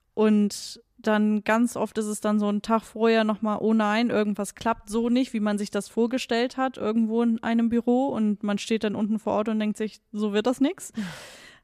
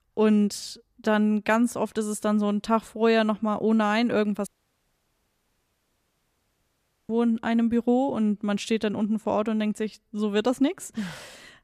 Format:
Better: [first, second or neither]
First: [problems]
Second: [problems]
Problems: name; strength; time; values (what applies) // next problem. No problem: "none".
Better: first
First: none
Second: audio cutting out; at 4.5 s for 2.5 s